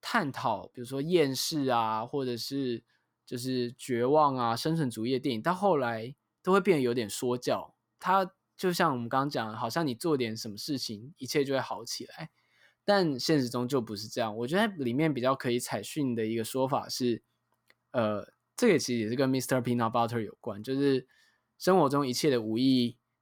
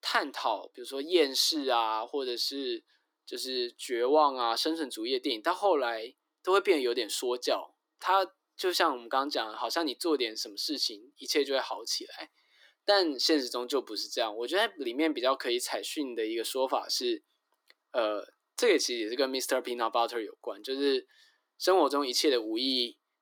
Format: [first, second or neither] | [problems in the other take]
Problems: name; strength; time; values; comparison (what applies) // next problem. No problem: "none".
first | thin; somewhat; fading below 300 Hz